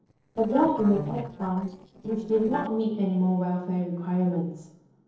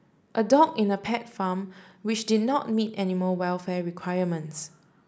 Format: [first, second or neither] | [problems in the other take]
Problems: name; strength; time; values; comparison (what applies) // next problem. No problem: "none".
second | noise reduction (neural separator model SepFormer DNS4)